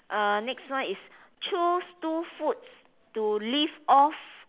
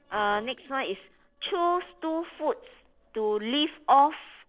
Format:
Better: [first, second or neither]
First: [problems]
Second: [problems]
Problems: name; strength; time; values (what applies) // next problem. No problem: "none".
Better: first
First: none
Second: noise reduction (neural separator model SepFormer DNS4)